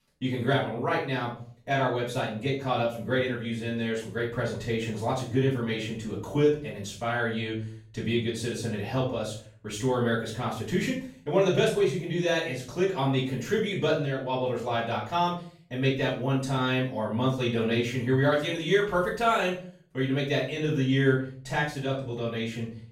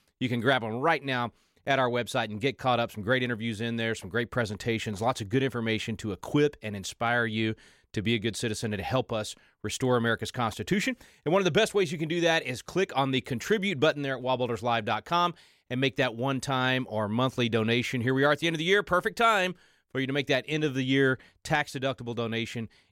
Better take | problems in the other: second | off-mic speech; far // room echo; noticeable; dies away in 0.5 s

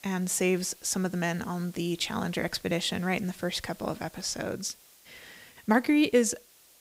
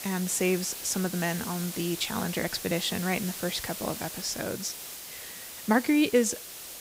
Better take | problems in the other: first | hiss; loud; throughout; 8 dB below the speech; faint in the first

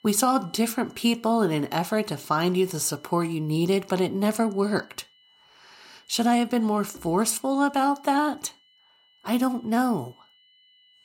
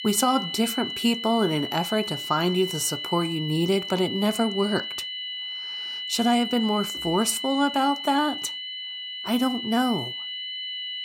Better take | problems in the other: first | high-pitched whine; loud; throughout; 3 kHz, 6 dB below the speech; faint in the first

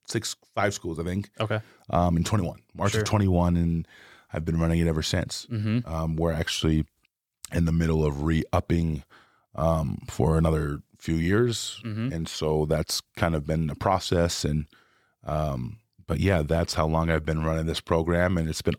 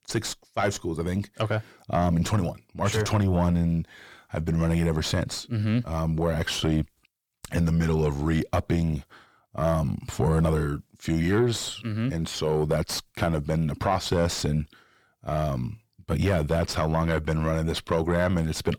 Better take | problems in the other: first | distortion; slight; 10 dB below the speech

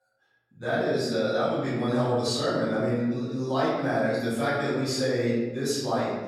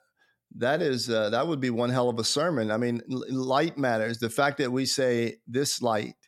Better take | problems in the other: second | room echo; strong; dies away in 1.2 s // off-mic speech; far

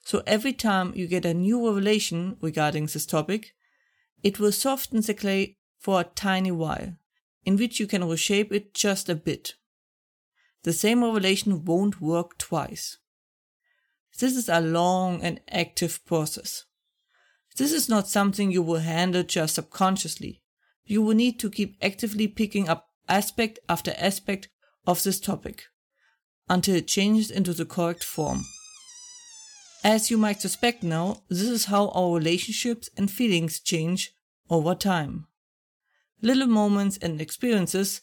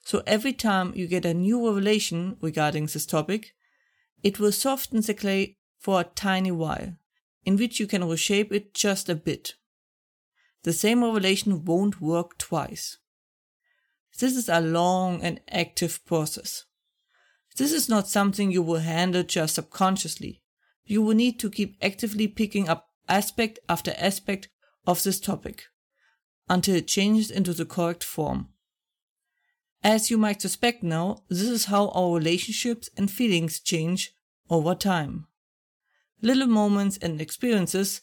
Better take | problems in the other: second | door banging; faint; from 28 to 31 s; peak 15 dB below the speech

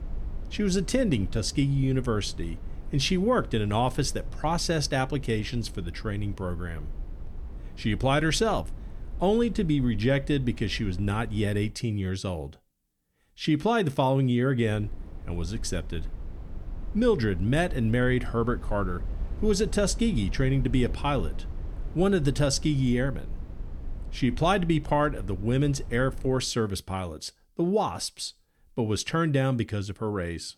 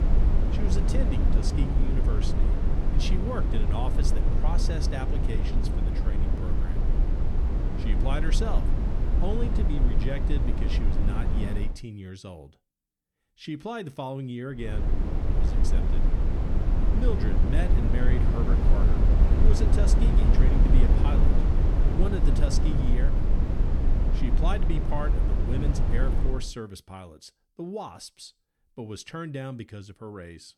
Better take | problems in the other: first | low rumble; loud; until 12 s and from 15 to 26 s; as loud as the speech; faint in the first

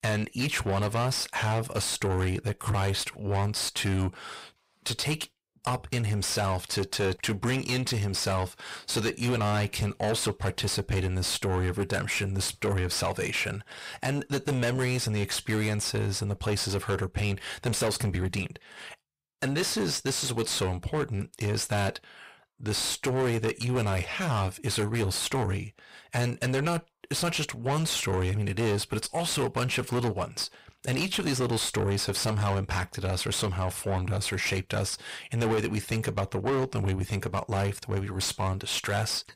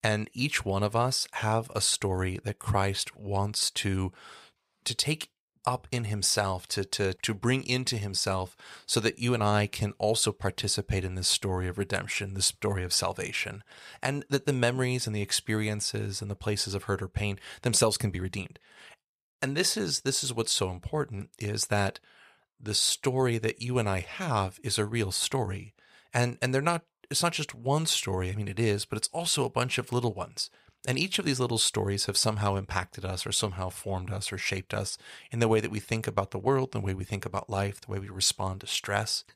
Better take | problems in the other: second | distortion; heavy; 5 dB below the speech

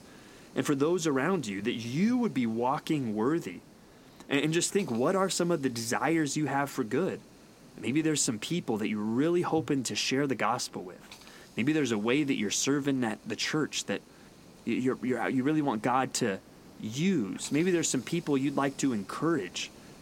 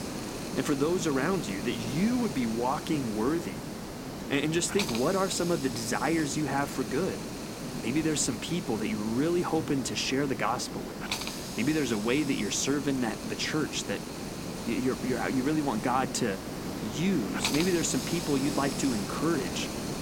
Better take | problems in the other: first | hiss; loud; throughout; 6 dB below the speech; faint in the first

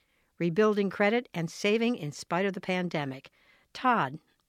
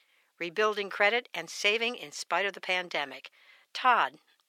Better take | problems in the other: first | thin; very; fading below 600 Hz

